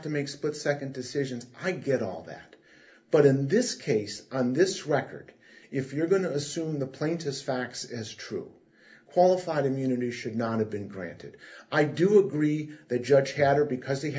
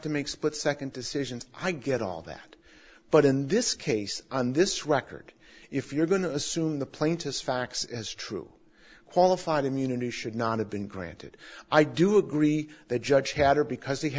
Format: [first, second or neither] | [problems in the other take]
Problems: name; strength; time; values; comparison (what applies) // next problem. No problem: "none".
second | room echo; dies away in 0.3 s